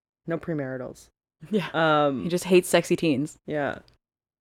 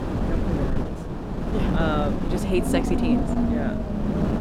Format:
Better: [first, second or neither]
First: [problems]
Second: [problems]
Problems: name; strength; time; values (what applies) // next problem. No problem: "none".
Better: first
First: none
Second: wind noise on the microphone; heavy; 1 dB above the speech